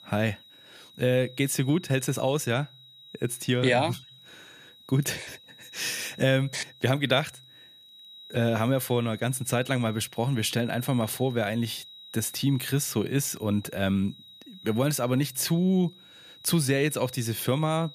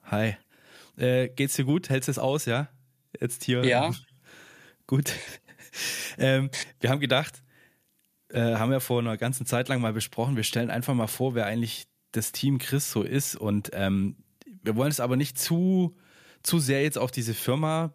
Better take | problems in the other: second | high-pitched whine; faint; throughout; 4 kHz, 20 dB below the speech

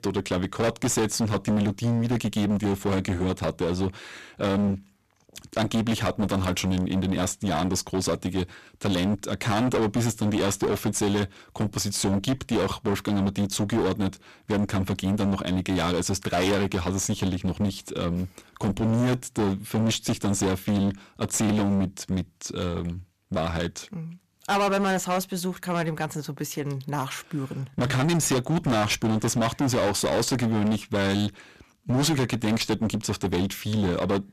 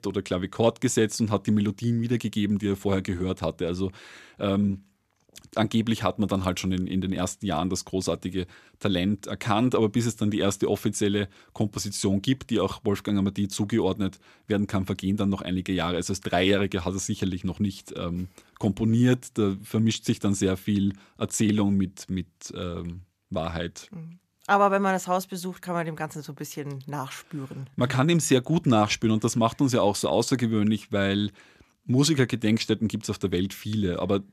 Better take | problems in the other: second | distortion; heavy; 21% of the sound clipped

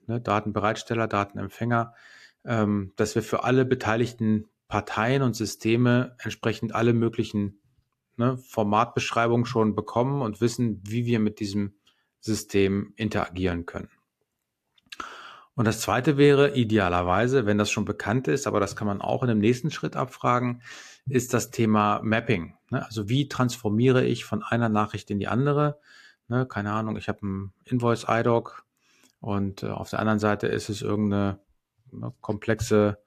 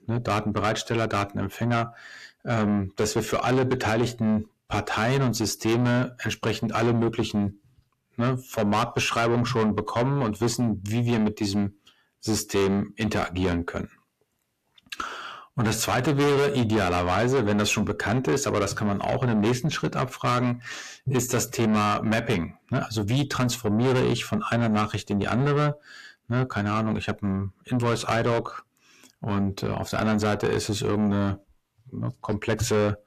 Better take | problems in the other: first | distortion; heavy; 6 dB below the speech

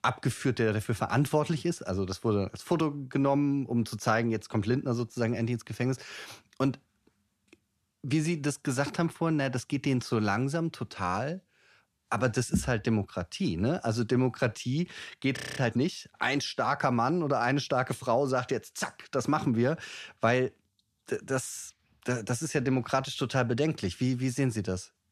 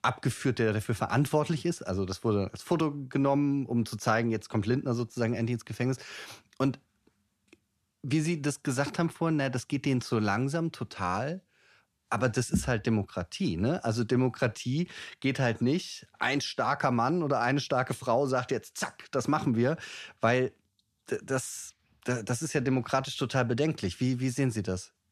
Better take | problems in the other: second | audio freezing; at 15 s

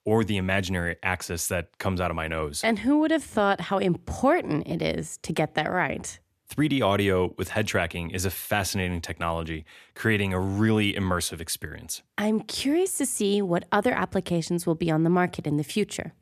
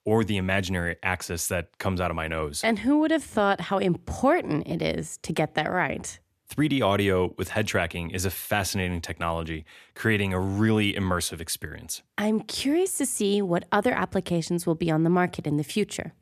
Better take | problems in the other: neither | none

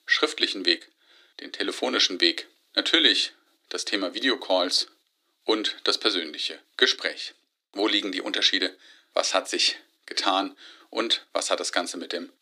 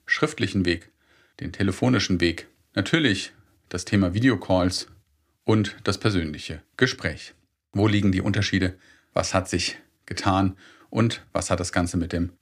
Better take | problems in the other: second | thin; somewhat; fading below 300 Hz

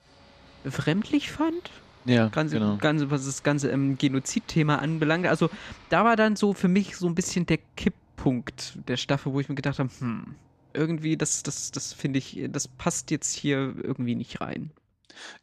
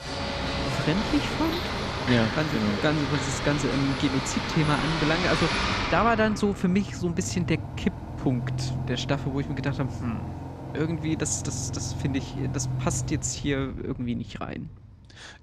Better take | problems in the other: first | traffic noise; loud; throughout; 3 dB below the speech; faint in the first

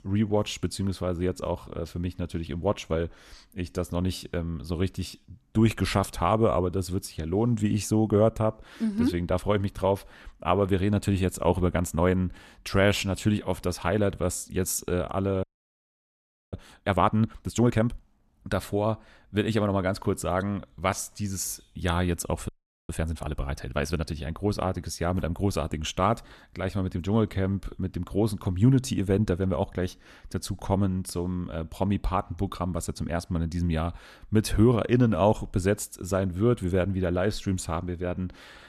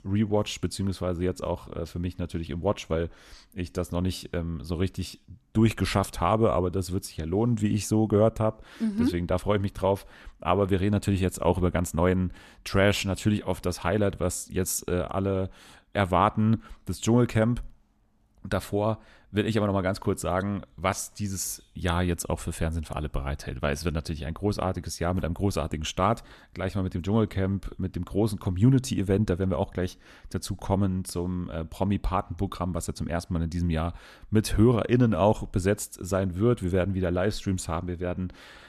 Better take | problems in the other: second | audio freezing; at 15 s for 1 s and at 22 s

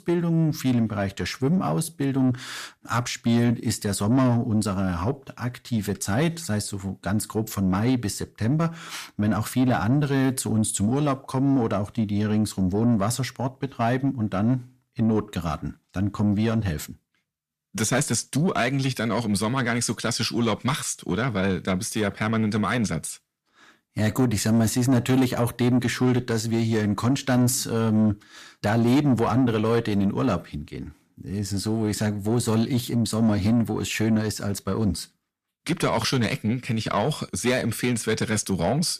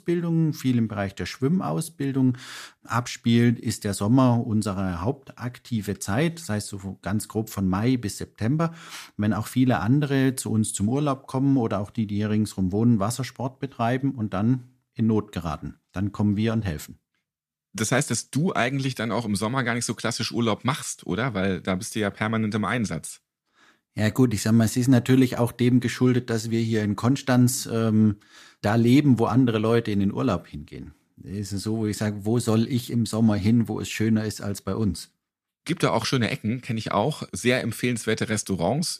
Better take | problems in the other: second | distortion; slight; 10 dB below the speech

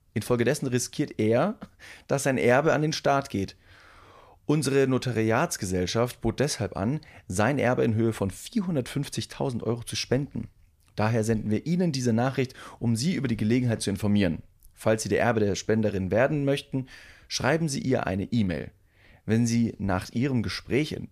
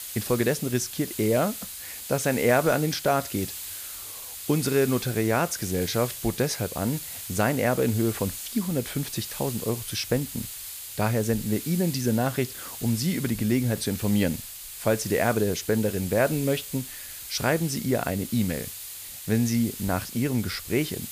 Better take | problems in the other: first | hiss; loud; throughout; 9 dB below the speech

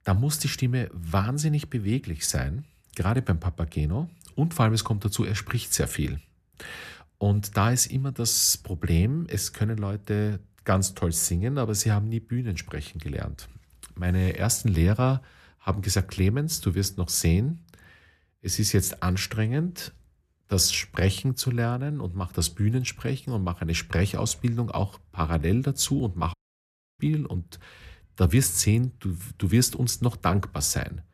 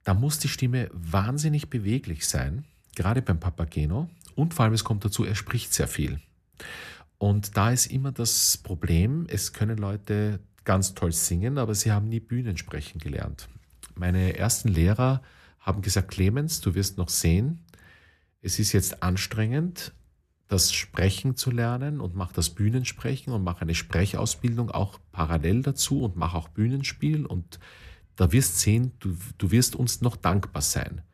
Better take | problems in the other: second | audio cutting out; at 26 s for 0.5 s

